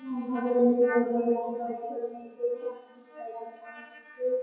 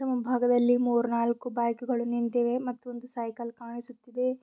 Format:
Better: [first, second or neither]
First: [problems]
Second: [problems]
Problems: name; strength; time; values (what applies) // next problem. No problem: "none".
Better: second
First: noise reduction (classical method WPE with log-MMSE)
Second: none